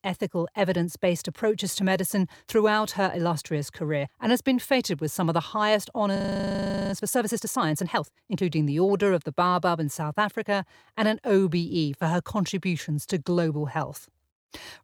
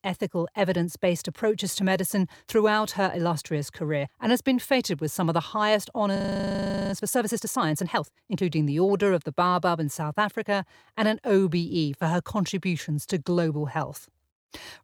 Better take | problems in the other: neither | audio freezing; at 6 s for 1 s; the same in both

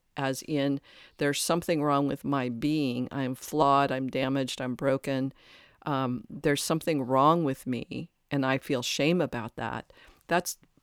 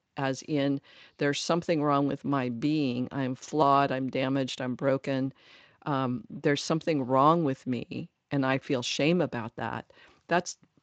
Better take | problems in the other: first | garbled, watery; slightly; nothing above 7.5 kHz

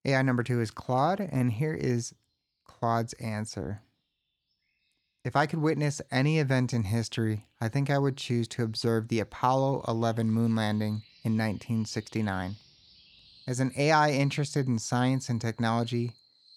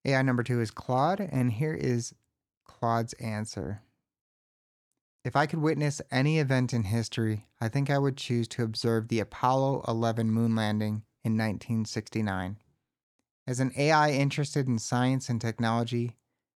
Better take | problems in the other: second | animal sounds; faint; throughout; 25 dB below the speech

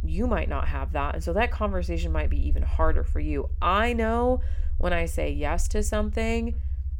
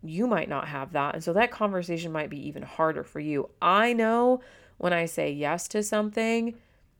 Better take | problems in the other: second | low rumble; faint; throughout; 25 dB below the speech

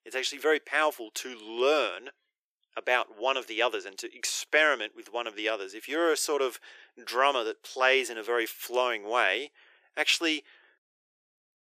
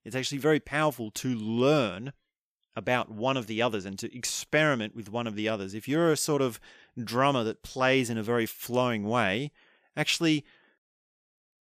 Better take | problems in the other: second | thin; very; fading below 350 Hz

